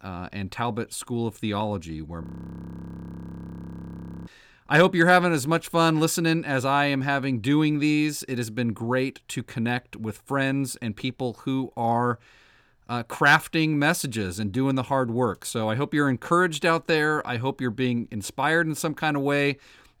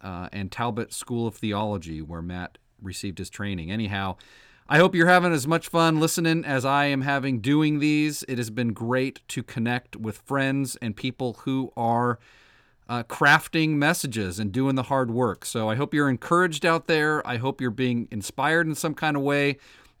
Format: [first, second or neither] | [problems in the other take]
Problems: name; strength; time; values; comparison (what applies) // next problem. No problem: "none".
second | audio freezing; at 2 s for 2 s